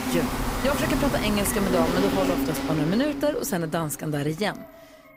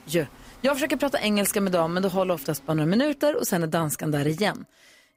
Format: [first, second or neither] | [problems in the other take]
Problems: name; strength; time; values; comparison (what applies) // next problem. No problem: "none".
second | animal sounds; loud; throughout; 1 dB below the speech; faint in the second